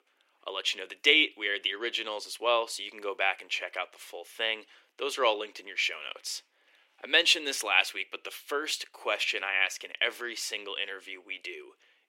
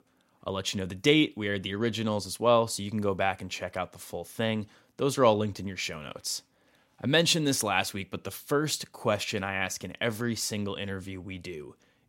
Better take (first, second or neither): second